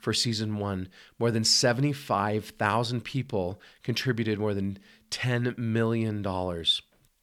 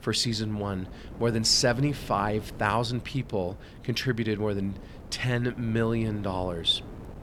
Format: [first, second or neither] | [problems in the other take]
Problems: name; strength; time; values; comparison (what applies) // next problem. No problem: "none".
first | wind noise on the microphone; occasional gusts; 20 dB below the speech